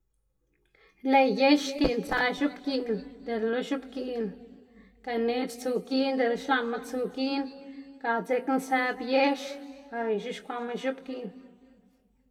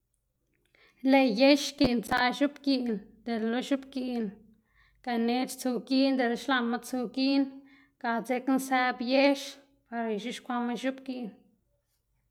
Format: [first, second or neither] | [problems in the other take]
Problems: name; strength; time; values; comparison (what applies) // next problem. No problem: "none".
second | room echo; dies away in 1.5 s